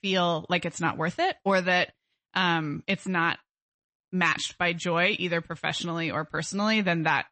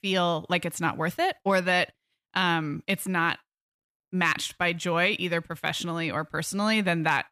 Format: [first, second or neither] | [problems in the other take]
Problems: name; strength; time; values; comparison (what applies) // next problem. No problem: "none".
second | garbled, watery; slightly; nothing above 8 kHz